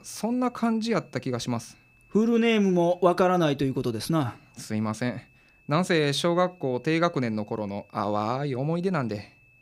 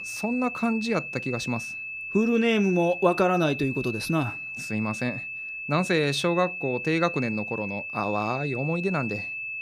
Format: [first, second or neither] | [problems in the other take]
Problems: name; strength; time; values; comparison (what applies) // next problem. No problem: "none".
first | high-pitched whine; loud; throughout; 2.5 kHz, 6 dB below the speech; faint in the first